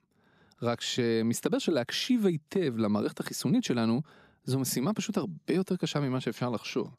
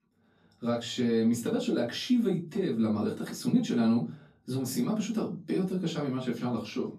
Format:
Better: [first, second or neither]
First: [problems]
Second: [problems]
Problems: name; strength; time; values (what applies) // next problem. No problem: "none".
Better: first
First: none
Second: off-mic speech; far // room echo; very slight; dies away in 0.3 s